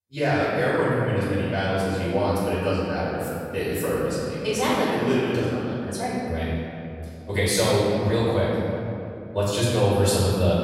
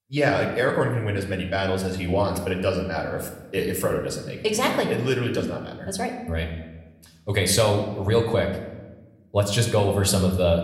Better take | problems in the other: second | room echo; strong; dies away in 2.7 s; slight in the second // off-mic speech; far; somewhat distant in the second

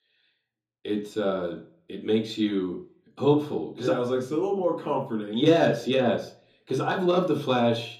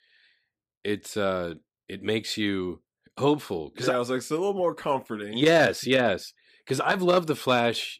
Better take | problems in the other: second | room echo; slight; dies away in 0.5 s // off-mic speech; somewhat distant

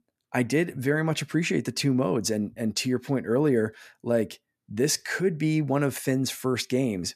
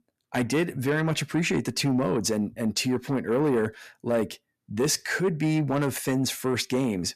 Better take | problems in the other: first | distortion; slight; 10 dB below the speech

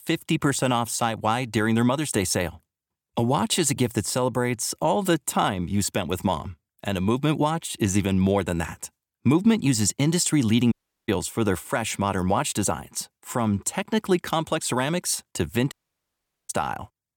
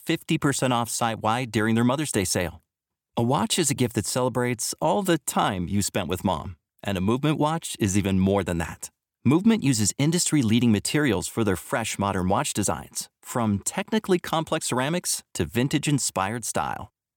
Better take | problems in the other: second | audio cutting out; at 11 s and at 16 s for 1 s

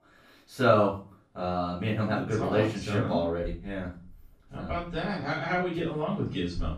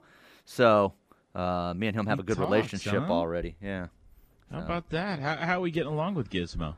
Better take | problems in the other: second | off-mic speech; far // room echo; slight; dies away in 0.3 s

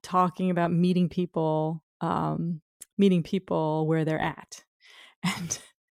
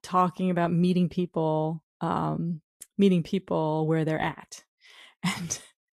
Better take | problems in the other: first | garbled, watery; slightly; nothing above 12.5 kHz

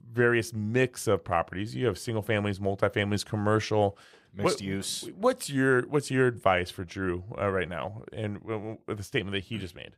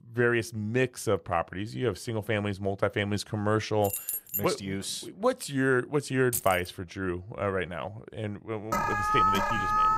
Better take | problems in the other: first | jangling keys; noticeable; at 4 s and at 6.5 s; peak 1 dB below the speech // alarm; loud; from 8.5 s on; peak 6 dB above the speech

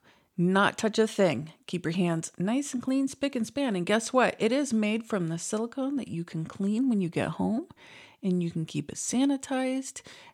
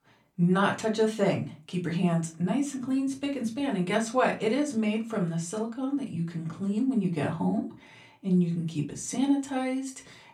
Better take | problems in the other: first | off-mic speech; far // room echo; very slight; dies away in 0.2 s

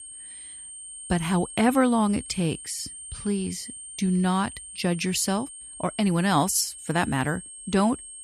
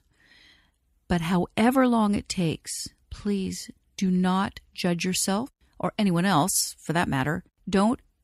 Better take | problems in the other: second | high-pitched whine; noticeable; throughout; 8.5 kHz, 15 dB below the speech

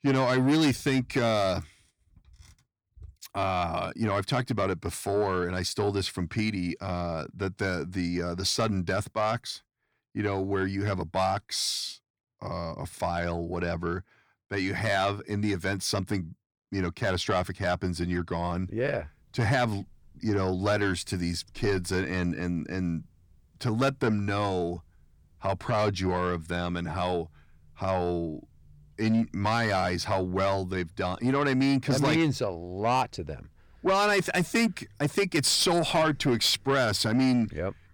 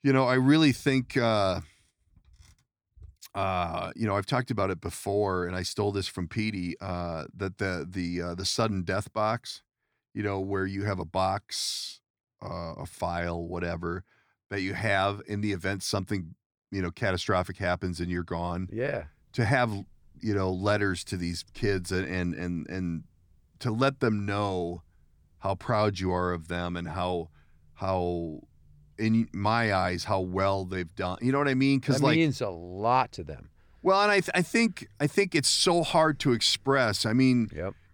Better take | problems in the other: second | distortion; slight; 10 dB below the speech

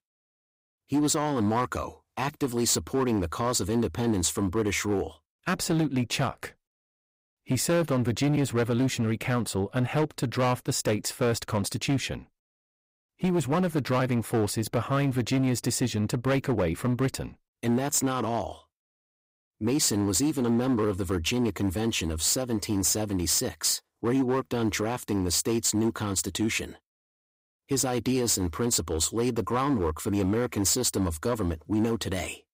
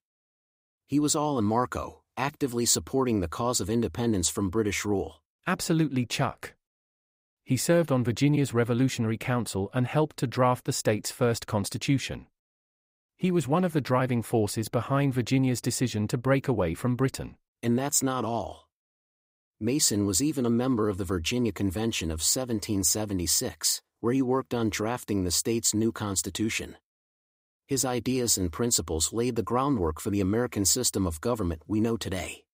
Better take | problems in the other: second | distortion; slight; 8% of the sound clipped

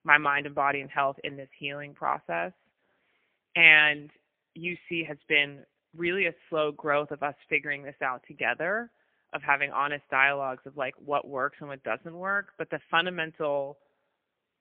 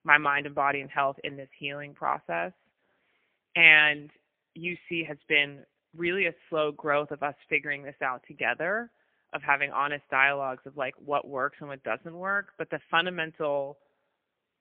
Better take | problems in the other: neither | phone-call audio; poor line; nothing above 3 kHz; the same in both

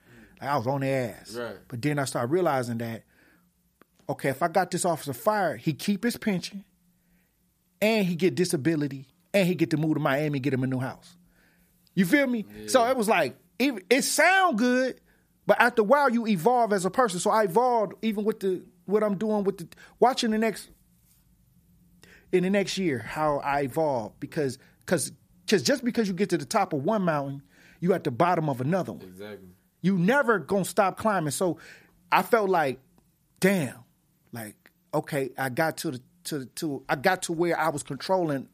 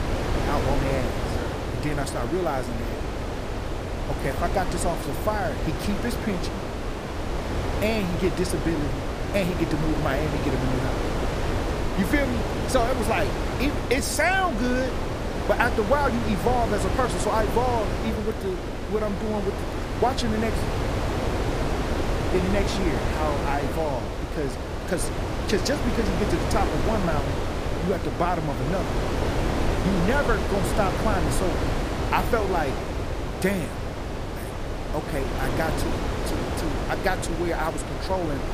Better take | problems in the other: first | wind noise on the microphone; heavy; 3 dB below the speech

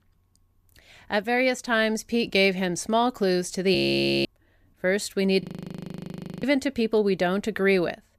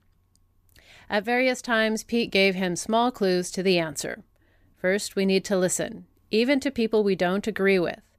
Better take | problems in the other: second | audio freezing; at 4 s for 0.5 s and at 5.5 s for 1 s

